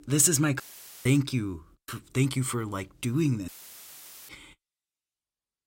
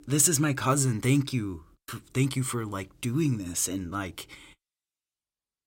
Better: second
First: audio cutting out; filled with static; at 0.5 s and at 3.5 s for 1 s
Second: none

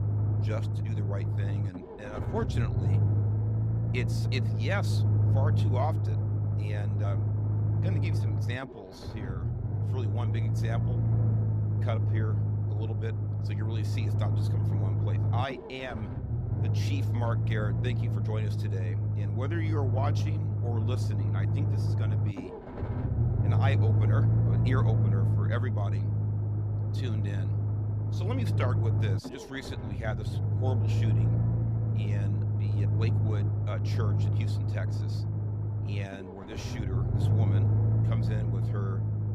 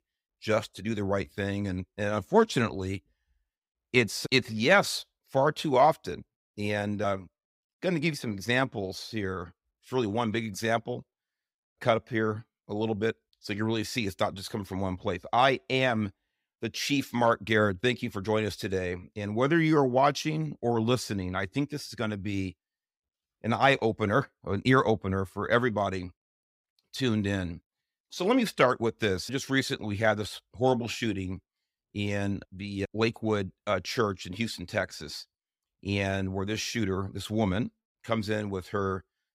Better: second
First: low rumble; loud; throughout; 1 dB below the speech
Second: none

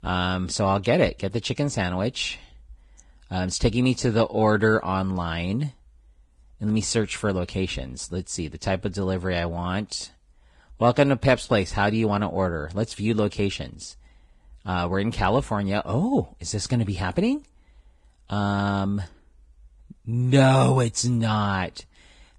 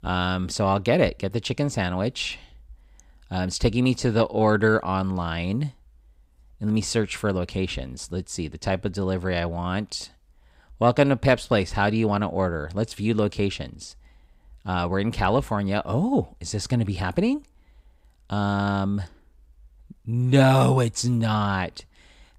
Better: second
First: garbled, watery; badly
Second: none

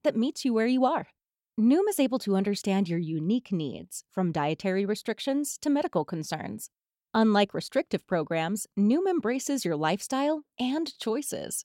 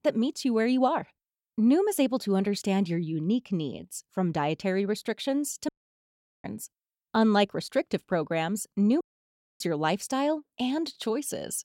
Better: first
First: none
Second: audio cutting out; at 5.5 s for 1 s and at 9 s for 0.5 s

